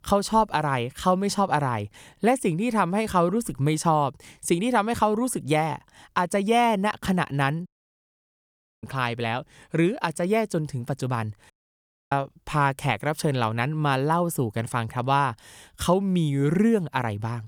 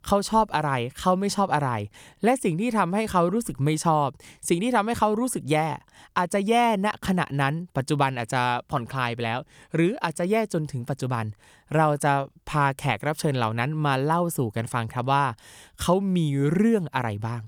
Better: second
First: audio cutting out; at 7.5 s for 1 s and at 12 s for 0.5 s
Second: none

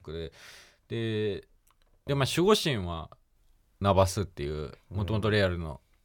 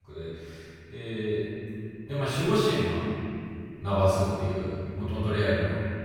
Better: first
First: none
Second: off-mic speech; far // room echo; strong; dies away in 2.7 s

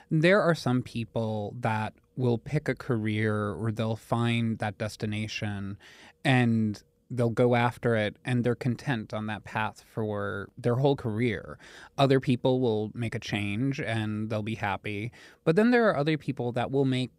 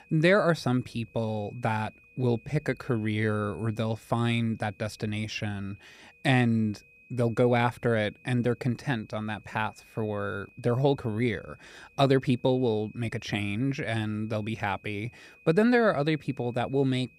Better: first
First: none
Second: high-pitched whine; faint; throughout; 2.5 kHz, 30 dB below the speech

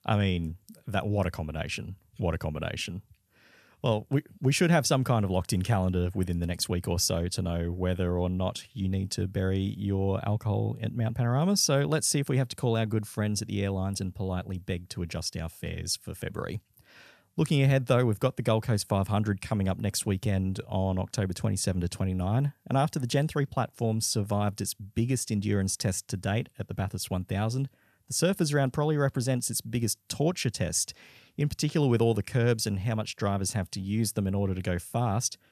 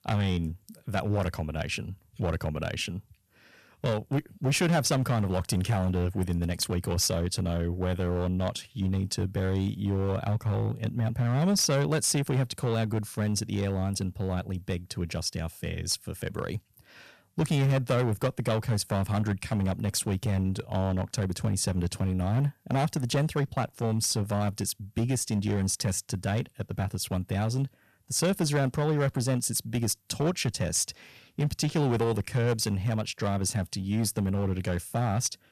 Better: first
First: none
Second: distortion; slight; 7% of the sound clipped

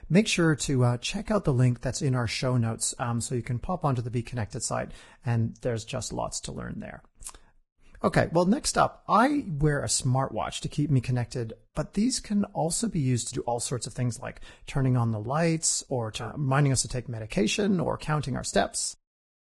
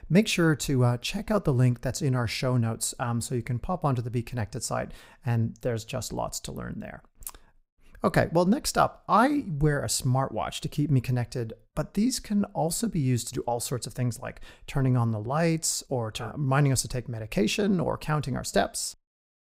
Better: second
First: garbled, watery; badly; nothing above 10 kHz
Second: none

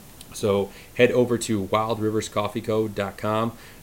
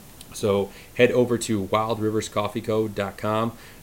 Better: neither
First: hiss; faint; throughout; 25 dB below the speech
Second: hiss; faint; throughout; 25 dB below the speech

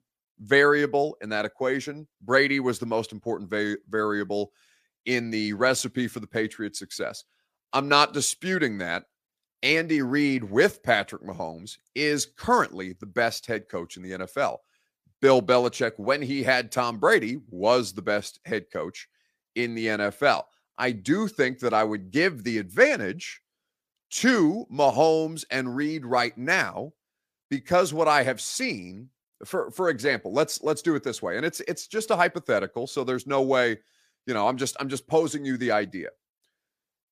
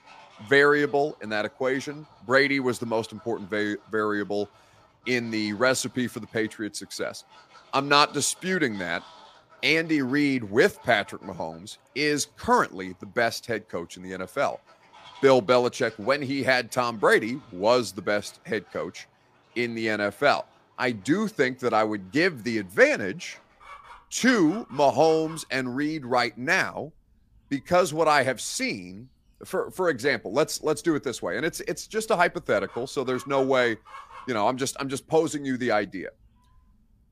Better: first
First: none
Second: animal sounds; faint; throughout; 25 dB below the speech

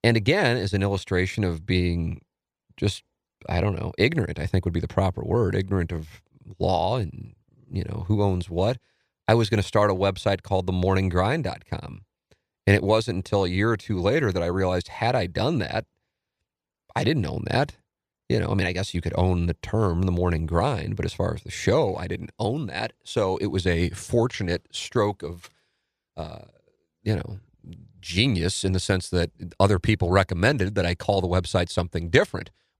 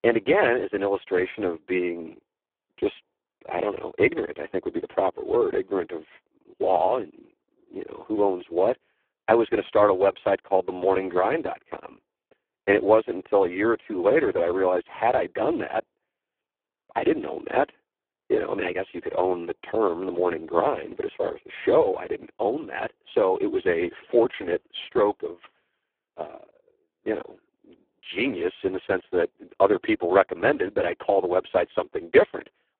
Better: first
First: none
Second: phone-call audio; poor line

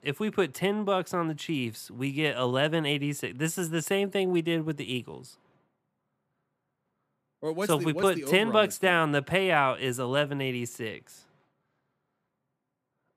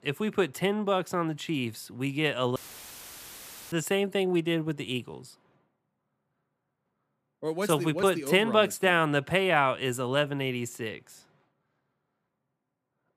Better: first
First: none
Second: audio cutting out; filled with static; at 2.5 s for 1 s

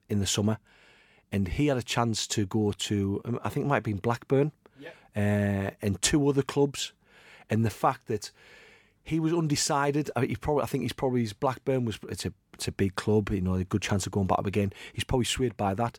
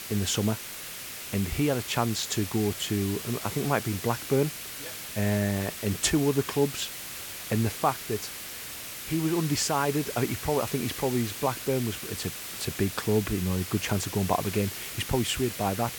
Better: first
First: none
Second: hiss; loud; throughout; 7 dB below the speech

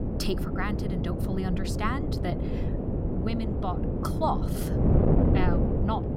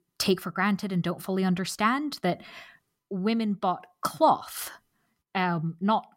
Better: second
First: wind noise on the microphone; heavy; 1 dB below the speech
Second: none

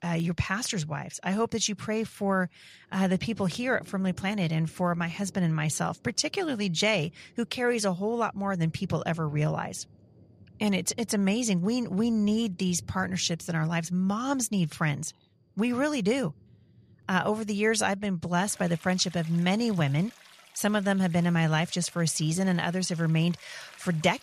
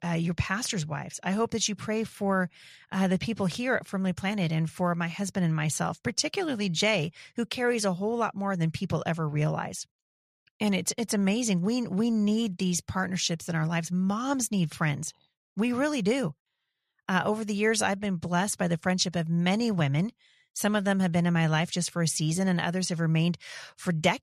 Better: second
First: rain or running water; faint; throughout; 25 dB below the speech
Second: none

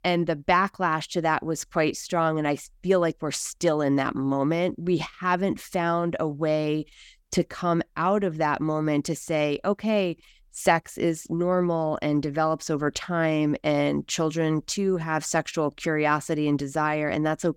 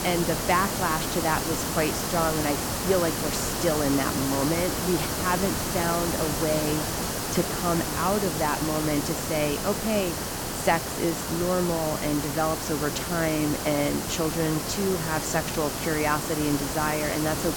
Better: first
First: none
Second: hiss; loud; throughout; 1 dB below the speech

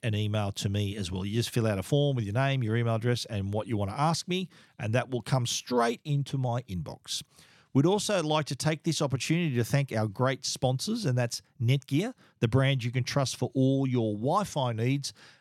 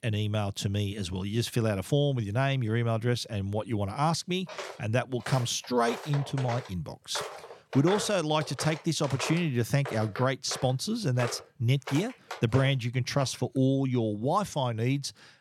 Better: first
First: none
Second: footsteps; noticeable; from 4.5 to 13 s; peak 7 dB below the speech

